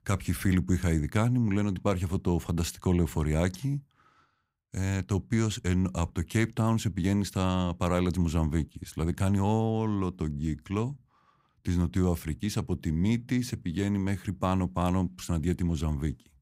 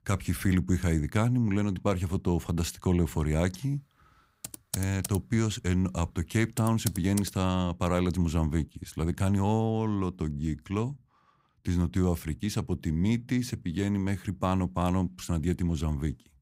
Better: first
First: none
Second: keyboard typing; noticeable; from 4.5 to 7.5 s; peak 7 dB below the speech

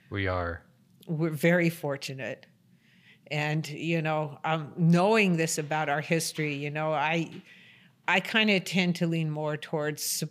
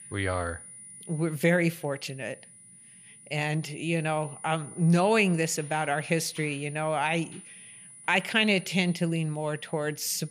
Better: first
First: none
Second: high-pitched whine; noticeable; throughout; 9.5 kHz, 20 dB below the speech

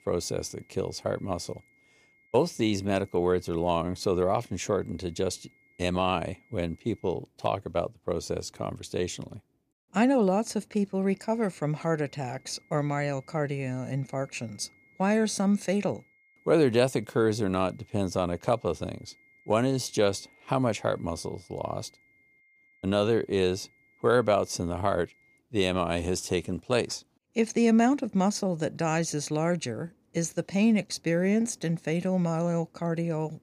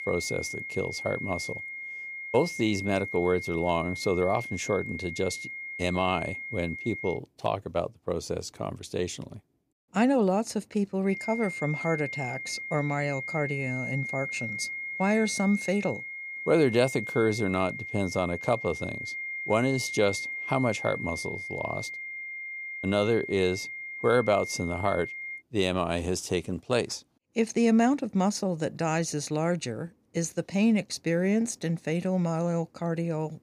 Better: first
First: high-pitched whine; faint; until 7 s and from 11 to 25 s; 2 kHz, 30 dB below the speech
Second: high-pitched whine; loud; until 7 s and from 11 to 25 s; 2 kHz, 6 dB below the speech

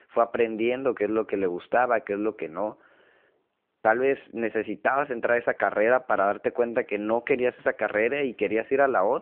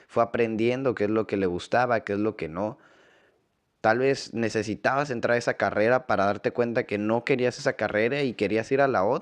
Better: second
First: phone-call audio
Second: none

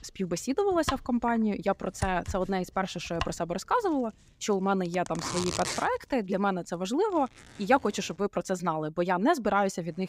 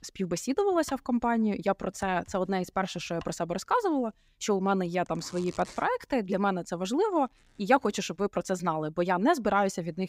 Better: second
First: household noises; loud; throughout; 8 dB below the speech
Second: household noises; faint; throughout; 25 dB below the speech

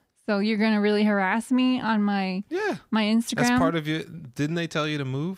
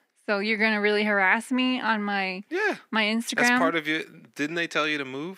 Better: first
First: none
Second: thin; somewhat; fading below 250 Hz

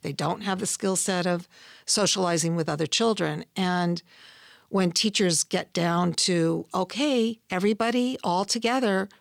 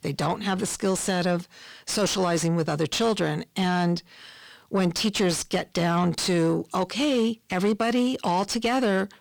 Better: first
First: none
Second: distortion; slight; 10 dB below the speech

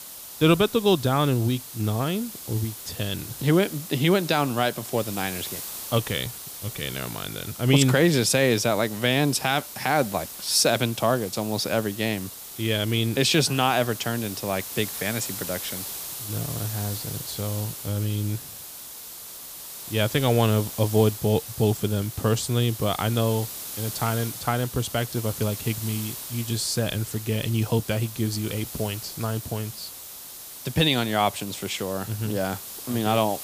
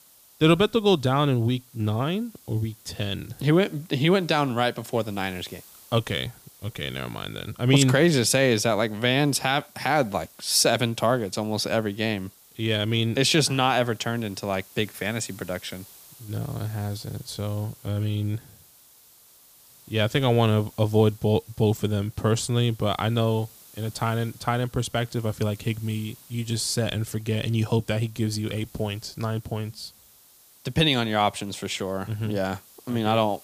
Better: second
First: hiss; loud; throughout; 10 dB below the speech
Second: hiss; faint; throughout; 25 dB below the speech

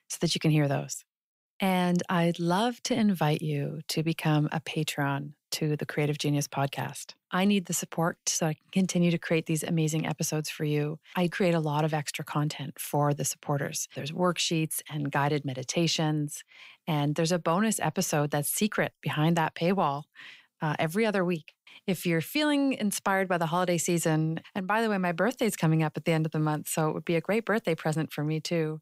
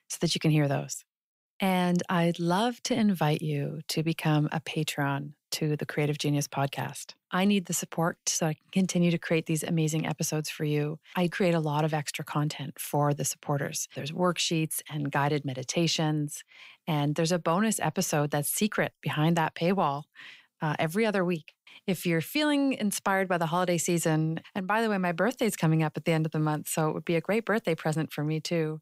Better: neither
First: none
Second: none

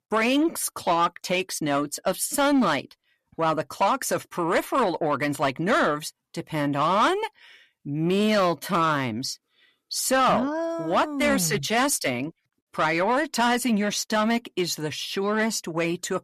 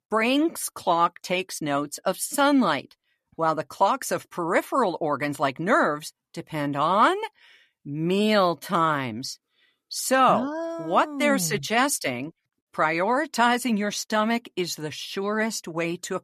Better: second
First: distortion; slight; 10 dB below the speech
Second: none

